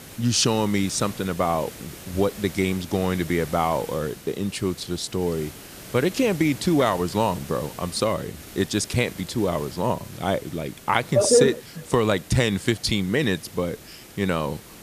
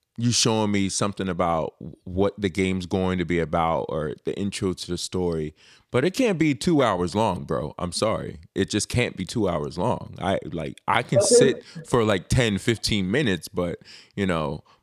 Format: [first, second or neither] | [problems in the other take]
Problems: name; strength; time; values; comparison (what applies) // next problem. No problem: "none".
second | hiss; noticeable; throughout; 15 dB below the speech